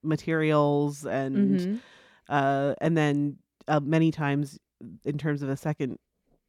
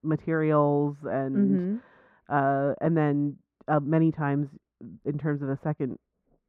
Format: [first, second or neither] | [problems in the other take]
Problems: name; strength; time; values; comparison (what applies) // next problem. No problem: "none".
first | muffled; very; fading above 3 kHz